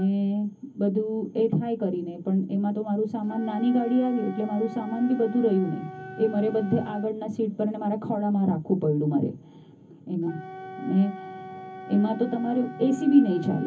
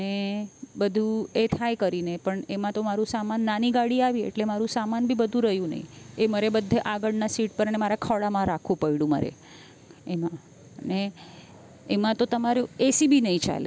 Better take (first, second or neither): second